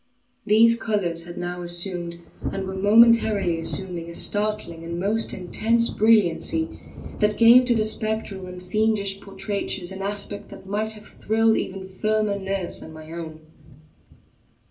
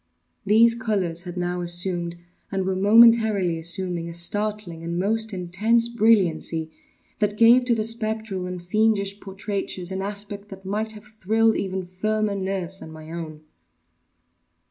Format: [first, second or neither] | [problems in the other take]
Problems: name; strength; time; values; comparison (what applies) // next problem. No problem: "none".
second | background sound (Thunder); 15 dB below the speech // room echo; dies away in 0.2 s